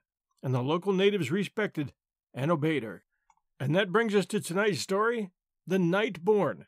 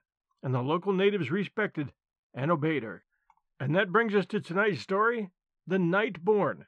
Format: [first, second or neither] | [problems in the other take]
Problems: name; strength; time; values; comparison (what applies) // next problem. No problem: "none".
first | muffled; slightly; fading above 3 kHz